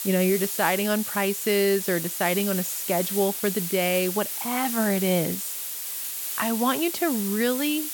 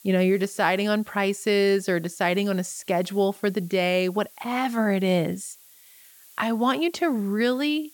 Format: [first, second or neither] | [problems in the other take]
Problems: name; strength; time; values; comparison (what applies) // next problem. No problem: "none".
second | hiss; loud; throughout; 3 dB below the speech; faint in the second